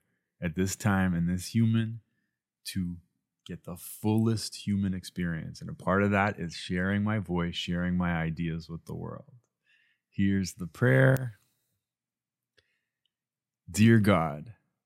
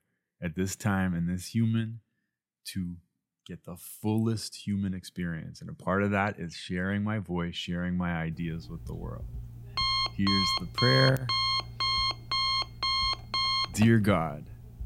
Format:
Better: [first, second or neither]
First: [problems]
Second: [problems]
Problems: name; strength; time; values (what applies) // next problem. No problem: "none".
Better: first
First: none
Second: alarm; loud; from 8.5 s on; peak 4 dB above the speech